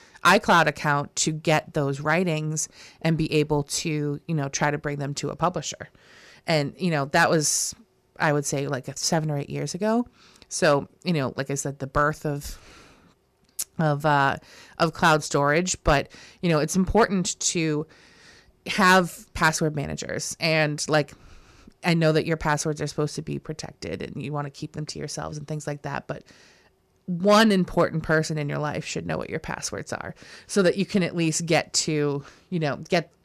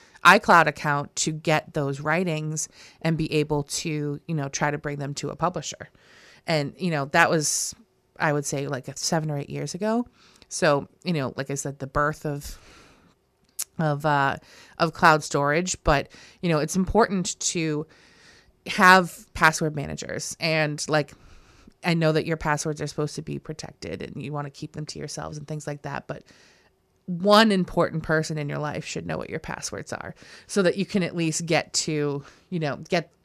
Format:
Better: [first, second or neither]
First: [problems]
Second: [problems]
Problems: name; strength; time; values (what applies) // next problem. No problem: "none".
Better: second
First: distortion; slight; 1% of the sound clipped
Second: none